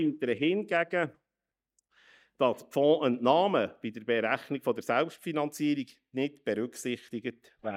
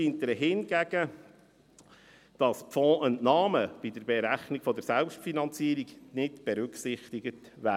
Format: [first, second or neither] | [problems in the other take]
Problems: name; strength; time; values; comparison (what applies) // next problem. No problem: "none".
second | noise reduction (neural mask model DeepFilterNet 3)